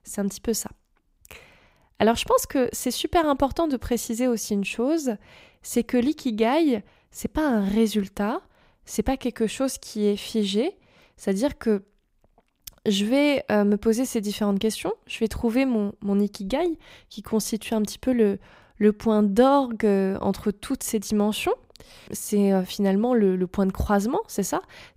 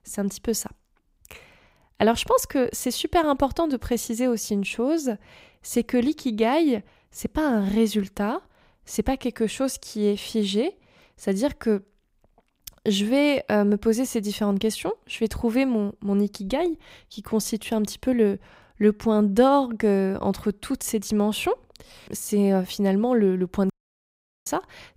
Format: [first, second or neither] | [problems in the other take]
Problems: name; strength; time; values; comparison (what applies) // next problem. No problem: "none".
first | audio cutting out; at 24 s for 1 s